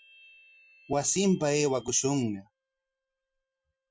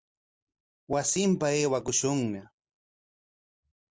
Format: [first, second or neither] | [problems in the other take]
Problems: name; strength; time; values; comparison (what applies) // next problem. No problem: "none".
second | noise reduction (classical method Wiener filter)